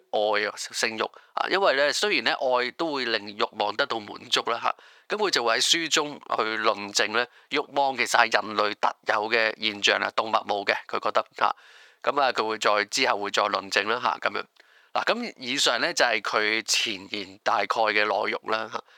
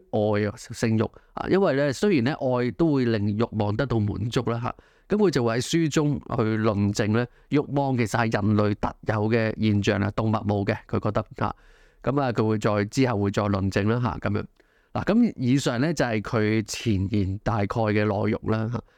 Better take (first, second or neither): second